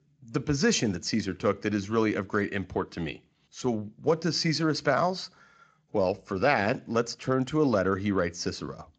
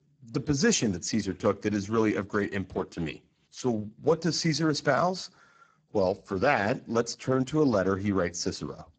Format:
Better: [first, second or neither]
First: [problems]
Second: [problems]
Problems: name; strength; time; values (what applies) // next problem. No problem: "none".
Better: first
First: garbled, watery; slightly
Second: garbled, watery; badly